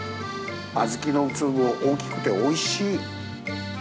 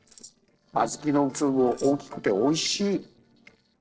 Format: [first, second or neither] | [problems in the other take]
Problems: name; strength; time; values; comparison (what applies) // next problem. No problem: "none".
first | noise reduction (neural separator model SepFormer DNS4)